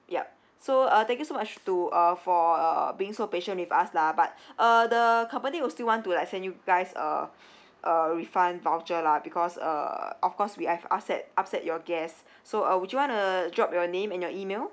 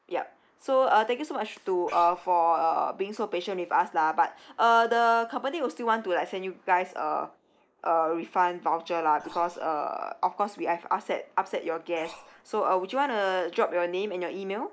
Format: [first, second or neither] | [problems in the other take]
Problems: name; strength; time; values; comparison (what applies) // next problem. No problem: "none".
first | noise reduction (neural mask model Resemble Enhance denoiser)